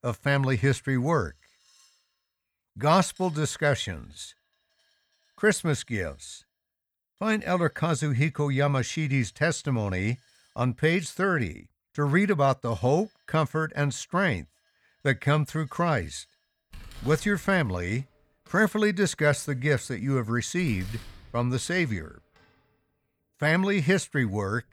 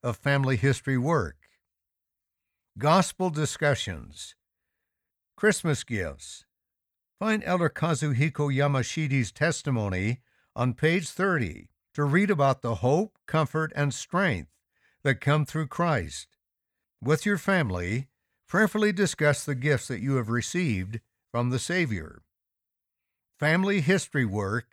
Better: second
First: household noises; faint; throughout; 30 dB below the speech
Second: none

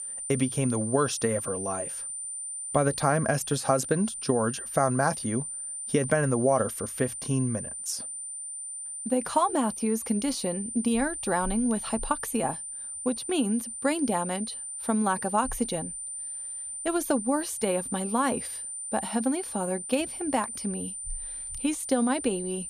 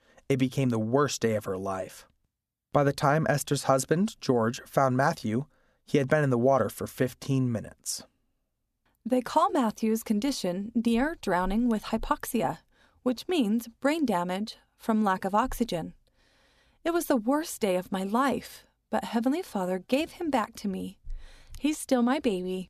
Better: second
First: high-pitched whine; loud; throughout; 9 kHz, 6 dB below the speech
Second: none

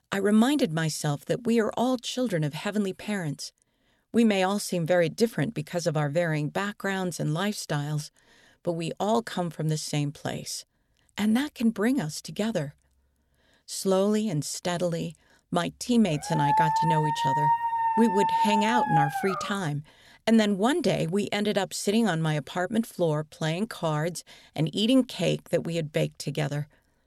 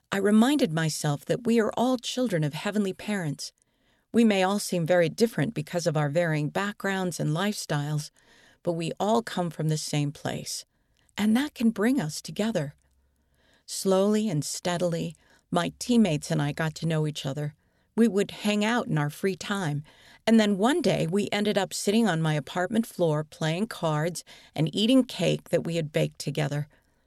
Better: second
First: dog barking; loud; from 16 to 20 s; peak 4 dB above the speech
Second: none

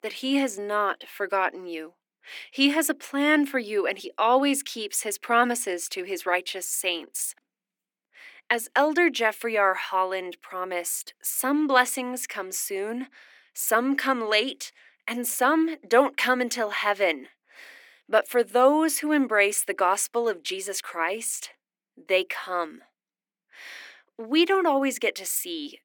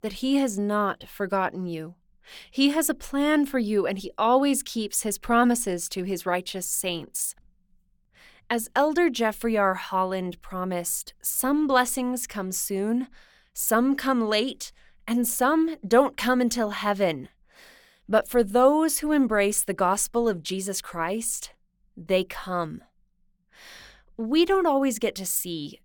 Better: second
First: thin; very slightly; fading below 300 Hz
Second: none

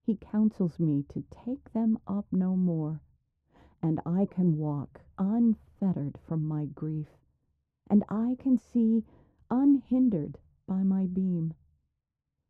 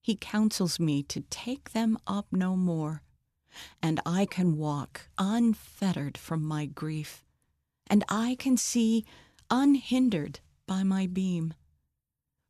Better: second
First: muffled; very; fading above 1.5 kHz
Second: none

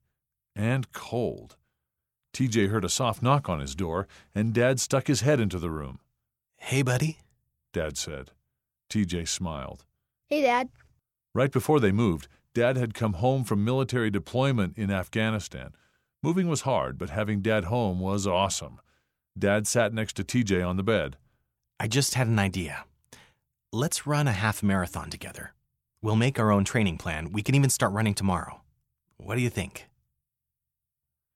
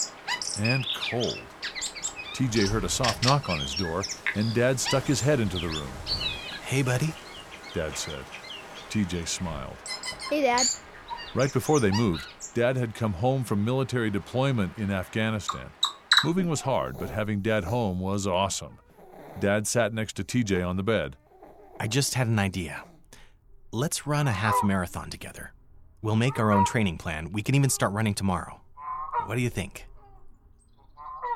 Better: first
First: none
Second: animal sounds; loud; throughout; 4 dB below the speech

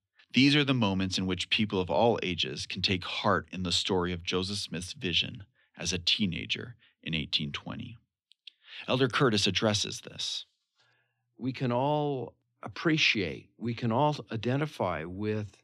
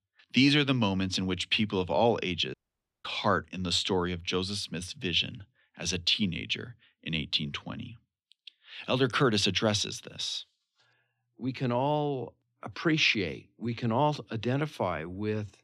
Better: first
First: none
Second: audio cutting out; at 2.5 s for 0.5 s

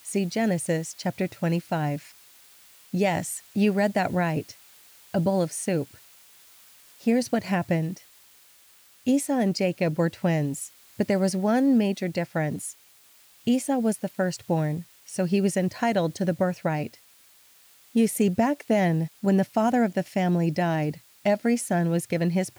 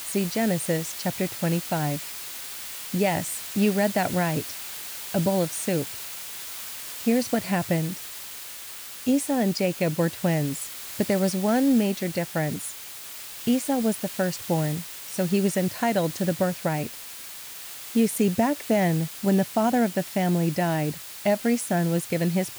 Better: first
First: hiss; faint; throughout; 25 dB below the speech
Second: hiss; loud; throughout; 9 dB below the speech

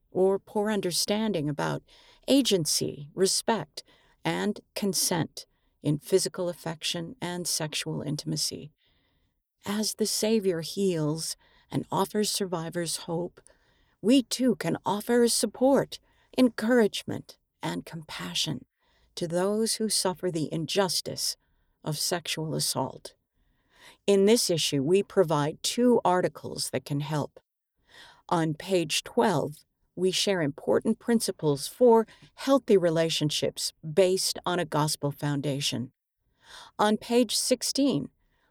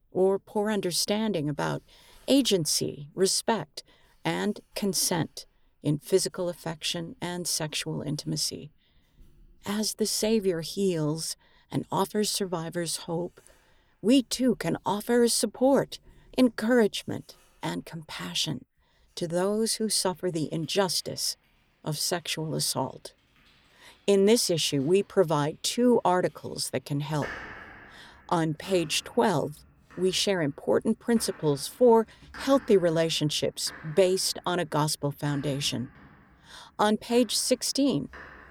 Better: first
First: none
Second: household noises; faint; throughout; 25 dB below the speech

